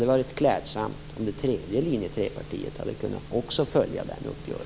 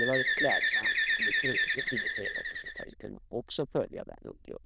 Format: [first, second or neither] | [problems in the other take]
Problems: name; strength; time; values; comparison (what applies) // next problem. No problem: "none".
first | noise reduction (neural diffusion model UNIVERSE++)